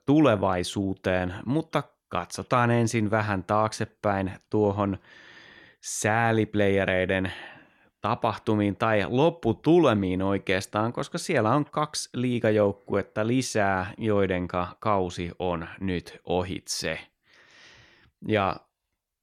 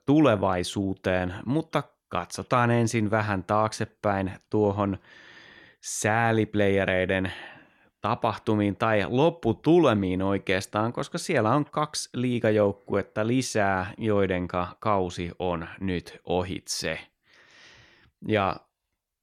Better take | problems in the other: neither | none

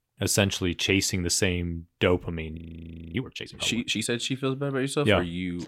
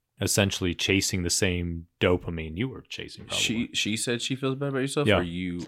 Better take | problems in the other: second | audio freezing; at 2.5 s for 0.5 s

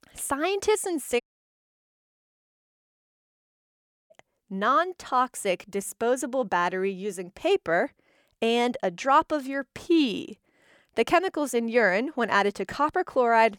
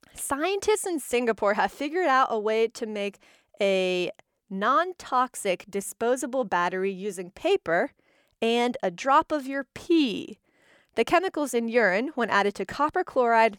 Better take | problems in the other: second | audio cutting out; at 1 s for 3 s

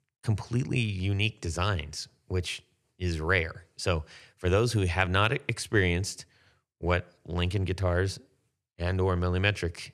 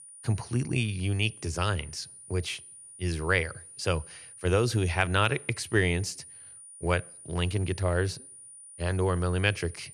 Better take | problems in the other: first | high-pitched whine; noticeable; throughout; 9.5 kHz, 15 dB below the speech

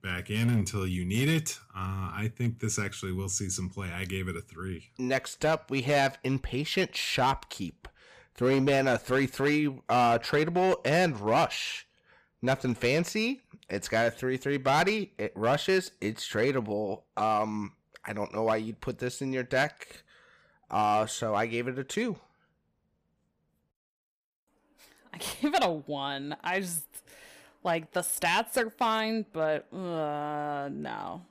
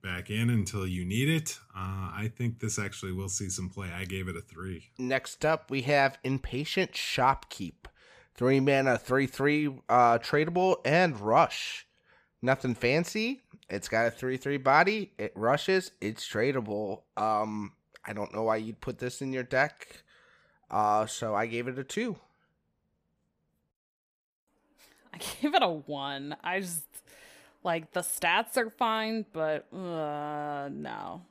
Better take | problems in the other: second | distortion; slight; 3% of the sound clipped

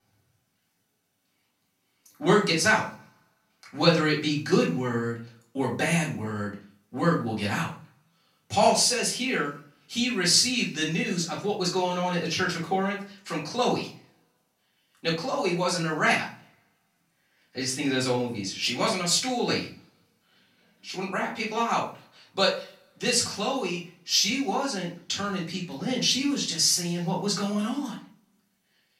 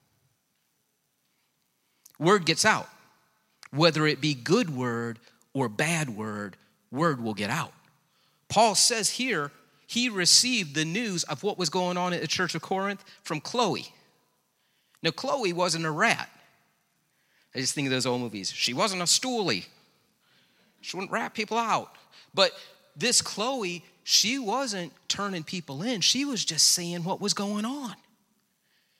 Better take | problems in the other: second | off-mic speech; far // room echo; slight; dies away in 0.3 s

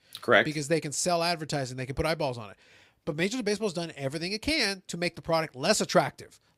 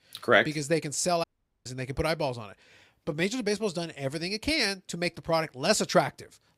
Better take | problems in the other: first | audio cutting out; at 1 s

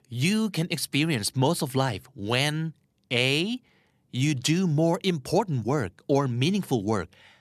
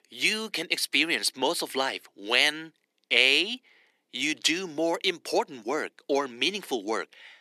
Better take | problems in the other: first | thin; somewhat; fading below 300 Hz

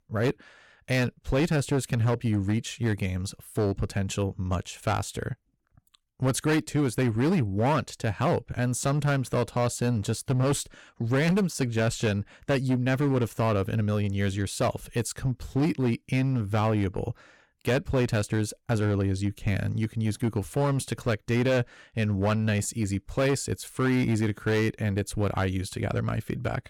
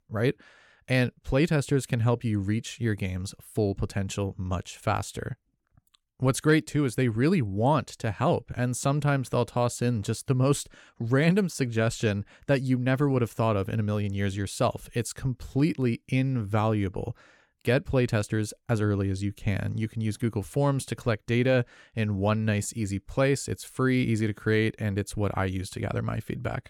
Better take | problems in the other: second | distortion; slight; 9% of the sound clipped

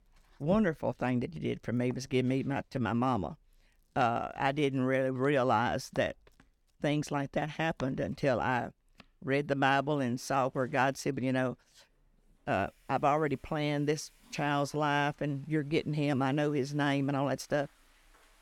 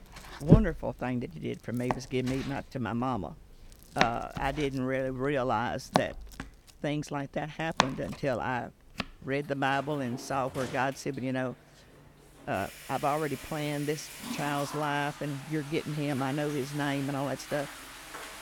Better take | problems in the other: first | household noises; loud; throughout; 2 dB below the speech; faint in the first

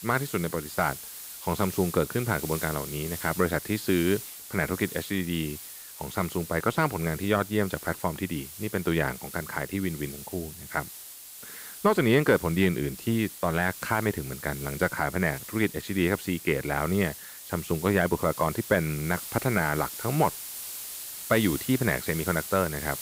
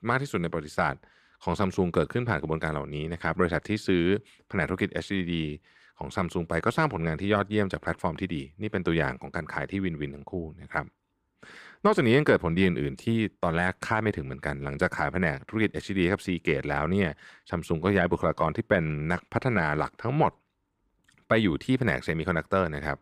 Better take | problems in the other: second | hiss; noticeable; throughout; 10 dB below the speech

